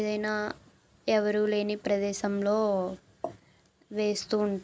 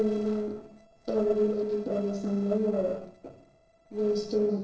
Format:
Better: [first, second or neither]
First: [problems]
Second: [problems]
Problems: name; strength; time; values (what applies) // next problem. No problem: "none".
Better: first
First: none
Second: noise reduction (neural separator model SepFormer DNS4)